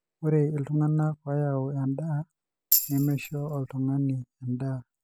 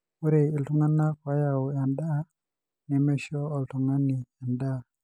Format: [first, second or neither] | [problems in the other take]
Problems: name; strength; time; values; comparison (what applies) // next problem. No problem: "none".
second | background sound (Tambourine); 2 dB below the speech